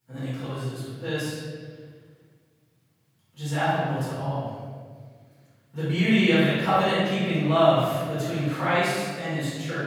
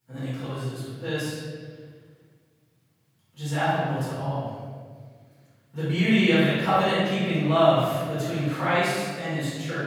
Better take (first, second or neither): neither